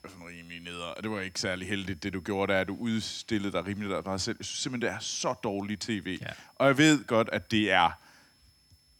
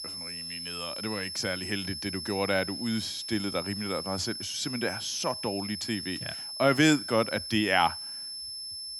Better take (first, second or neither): first